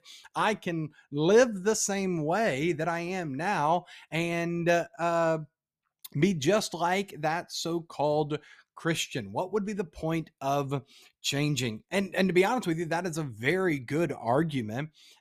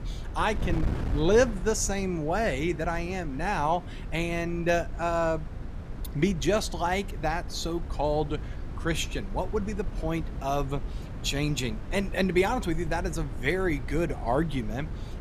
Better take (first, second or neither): first